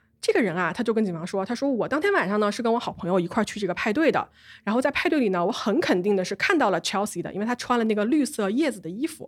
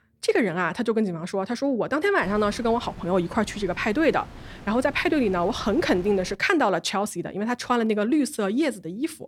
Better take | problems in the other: first | wind noise on the microphone; occasional gusts; from 2 to 6.5 s; 20 dB below the speech

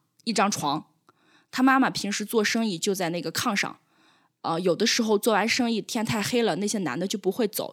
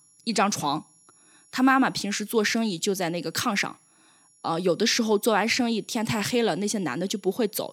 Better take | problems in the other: first | high-pitched whine; faint; throughout; 11 kHz, 30 dB below the speech

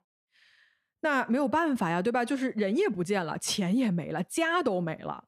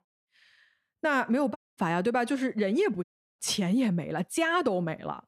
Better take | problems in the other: first | audio cutting out; at 1.5 s and at 3 s

